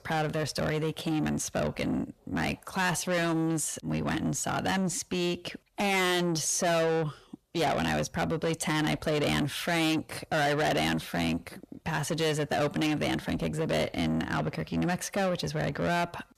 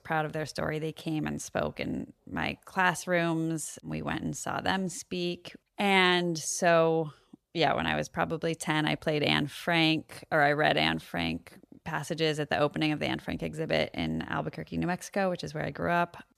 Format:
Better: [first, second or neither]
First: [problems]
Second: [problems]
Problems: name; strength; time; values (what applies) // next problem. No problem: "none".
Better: second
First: distortion; heavy; 6 dB below the speech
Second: none